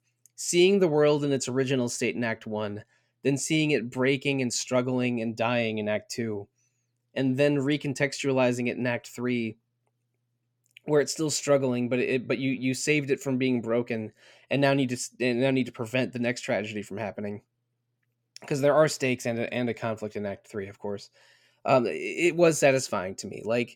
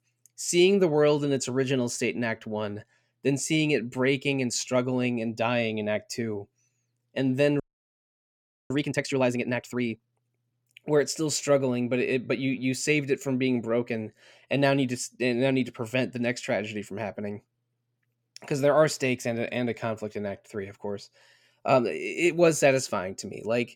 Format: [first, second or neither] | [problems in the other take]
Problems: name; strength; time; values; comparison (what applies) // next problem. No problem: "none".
first | audio freezing; at 7.5 s for 1 s